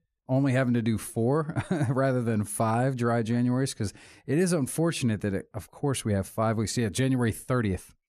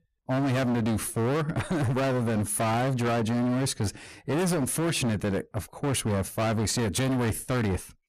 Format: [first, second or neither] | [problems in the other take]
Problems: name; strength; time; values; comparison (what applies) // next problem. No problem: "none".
first | distortion; heavy; 34% of the sound clipped